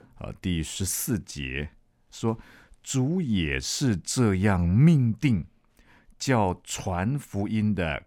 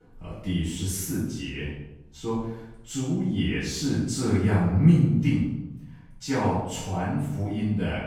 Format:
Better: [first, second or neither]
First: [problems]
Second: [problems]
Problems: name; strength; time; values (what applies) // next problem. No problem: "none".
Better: first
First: none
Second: off-mic speech; far // room echo; noticeable; dies away in 0.8 s